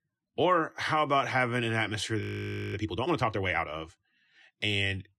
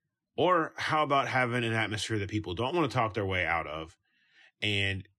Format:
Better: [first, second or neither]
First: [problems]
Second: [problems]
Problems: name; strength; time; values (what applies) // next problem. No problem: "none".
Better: second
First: audio freezing; at 2 s for 0.5 s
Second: none